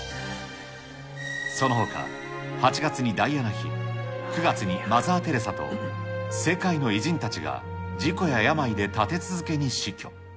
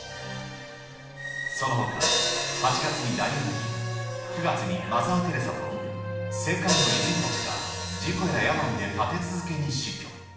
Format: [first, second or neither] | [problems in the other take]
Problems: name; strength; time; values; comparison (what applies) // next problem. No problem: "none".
first | background sound (Hi-hat); 5 dB below the speech // room echo; dies away in 0.9 s